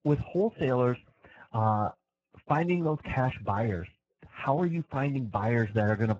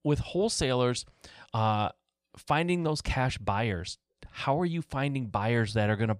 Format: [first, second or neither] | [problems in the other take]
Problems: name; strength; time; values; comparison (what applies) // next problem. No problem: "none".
second | garbled, watery; badly; nothing above 7.5 kHz